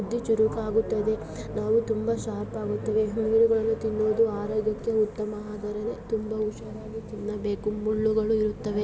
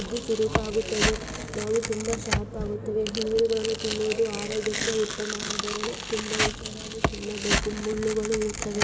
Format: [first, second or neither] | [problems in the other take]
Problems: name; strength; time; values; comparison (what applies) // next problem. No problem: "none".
first | background sound (Tearing); 2 dB below the speech